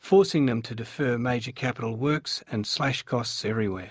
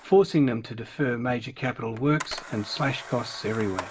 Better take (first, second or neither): first